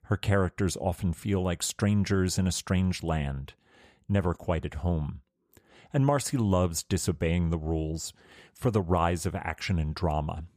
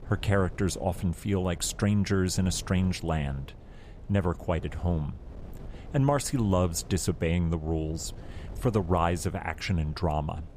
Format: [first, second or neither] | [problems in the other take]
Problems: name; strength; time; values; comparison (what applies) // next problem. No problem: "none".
first | wind noise on the microphone; occasional gusts; 20 dB below the speech